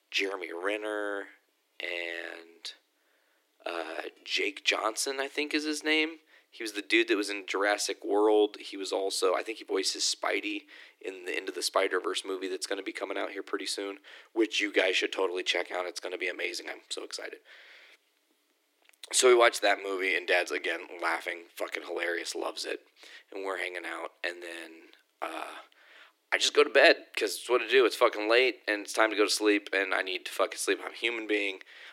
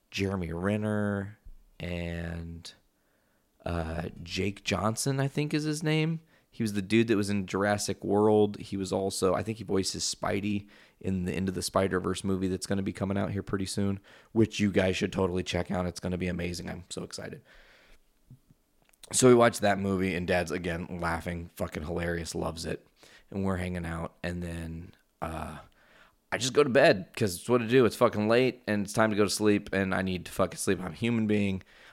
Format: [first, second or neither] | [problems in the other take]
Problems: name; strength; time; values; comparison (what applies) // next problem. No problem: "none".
second | thin; very; fading below 300 Hz